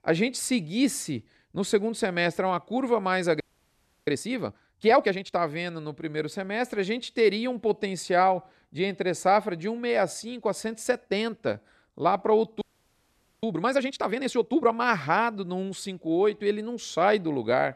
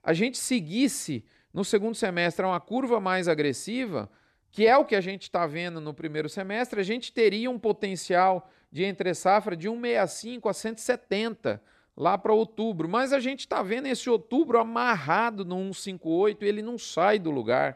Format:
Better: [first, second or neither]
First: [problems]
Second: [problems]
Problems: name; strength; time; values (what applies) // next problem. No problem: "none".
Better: second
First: audio freezing; at 3.5 s for 0.5 s and at 13 s for 1 s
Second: none